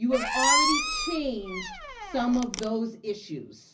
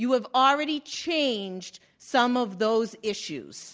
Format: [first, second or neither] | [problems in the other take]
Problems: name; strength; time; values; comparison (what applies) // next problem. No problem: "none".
second | background sound (Squeak); 2 dB above the speech // room echo; dies away in 0.4 s